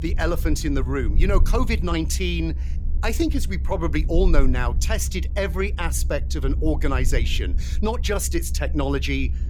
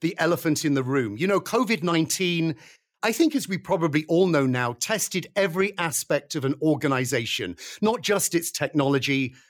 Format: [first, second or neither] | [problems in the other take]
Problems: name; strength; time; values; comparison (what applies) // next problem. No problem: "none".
second | low rumble; noticeable; throughout; 15 dB below the speech